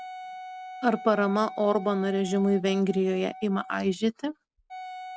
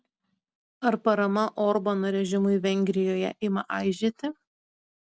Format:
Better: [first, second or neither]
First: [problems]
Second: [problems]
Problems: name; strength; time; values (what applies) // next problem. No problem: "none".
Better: second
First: background sound (Wind instrument, woodwind instrument); 15 dB below the speech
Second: none